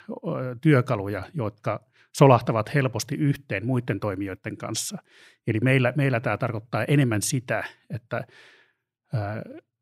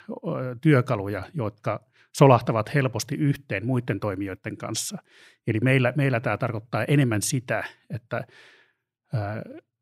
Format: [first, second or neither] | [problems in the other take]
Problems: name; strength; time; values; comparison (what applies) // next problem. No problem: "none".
neither | none